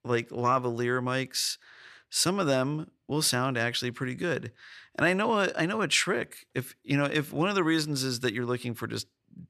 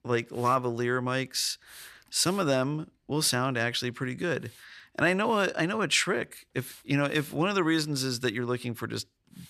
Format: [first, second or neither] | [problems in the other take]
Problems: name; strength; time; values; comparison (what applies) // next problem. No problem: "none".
first | hiss; faint; throughout; 25 dB below the speech